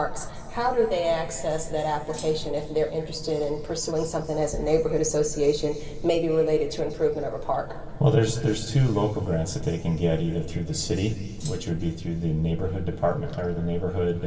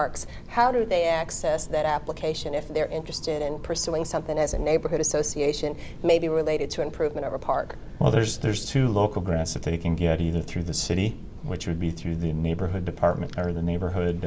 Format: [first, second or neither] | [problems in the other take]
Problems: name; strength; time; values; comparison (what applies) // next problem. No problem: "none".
second | background sound (Thump, thud); 19 dB below the speech // room echo; dies away in 2.4 s